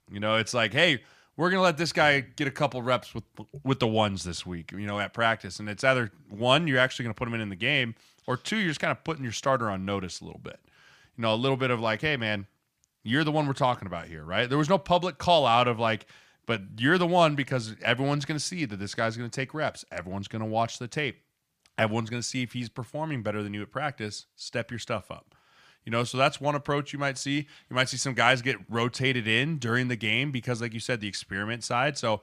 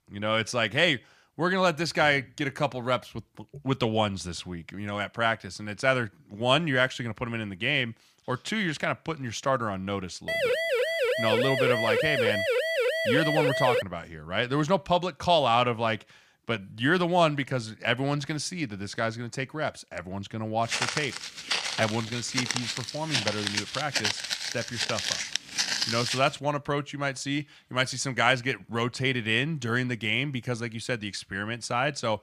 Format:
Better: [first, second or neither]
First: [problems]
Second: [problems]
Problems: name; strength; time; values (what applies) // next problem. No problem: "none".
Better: first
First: none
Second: siren; loud; from 10 to 14 s; peak 3 dB above the speech // footsteps; loud; from 21 to 26 s; peak 2 dB above the speech